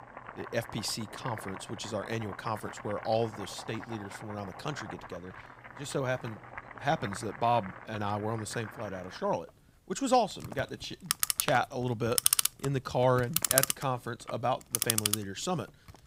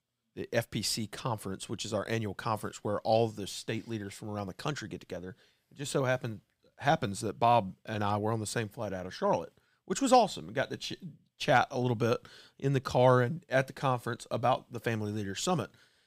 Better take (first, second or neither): second